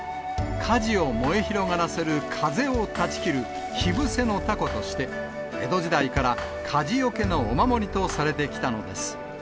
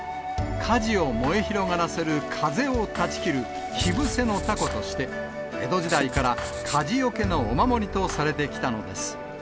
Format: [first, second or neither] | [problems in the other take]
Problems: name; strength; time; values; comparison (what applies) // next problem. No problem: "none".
first | background sound (Writing); 13 dB below the speech